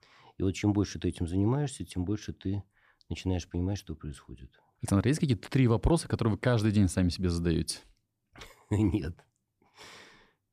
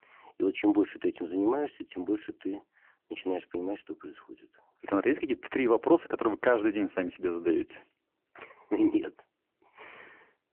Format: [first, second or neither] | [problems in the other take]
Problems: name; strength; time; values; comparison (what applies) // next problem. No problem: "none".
first | phone-call audio; poor line